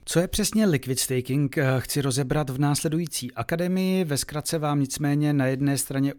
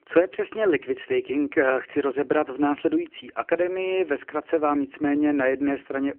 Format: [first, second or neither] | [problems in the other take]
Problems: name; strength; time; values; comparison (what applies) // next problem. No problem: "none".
first | phone-call audio; poor line; nothing above 3 kHz